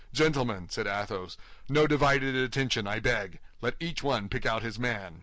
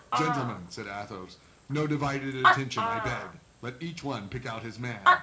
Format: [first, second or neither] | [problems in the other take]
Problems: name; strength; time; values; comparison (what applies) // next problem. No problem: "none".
first | background sound (Animal); 4 dB above the speech // room echo; dies away in 0.4 s